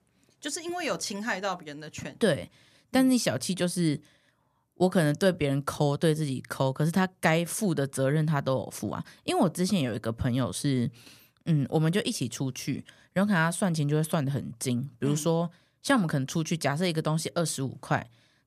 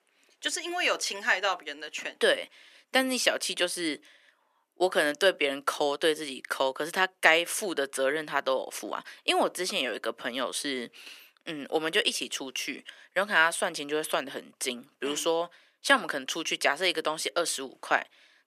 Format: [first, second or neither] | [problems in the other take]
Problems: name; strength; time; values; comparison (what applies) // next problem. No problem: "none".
first | thin; very; fading below 350 Hz